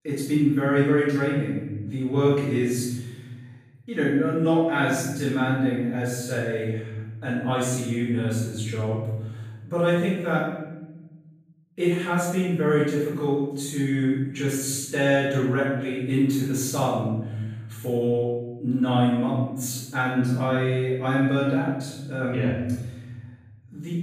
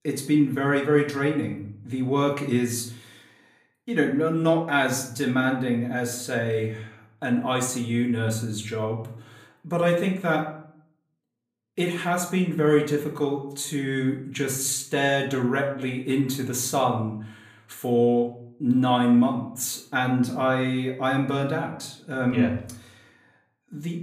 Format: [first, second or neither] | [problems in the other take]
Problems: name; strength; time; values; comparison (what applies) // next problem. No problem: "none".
second | room echo; strong; dies away in 1.3 s; slight in the second // off-mic speech; far; far in the second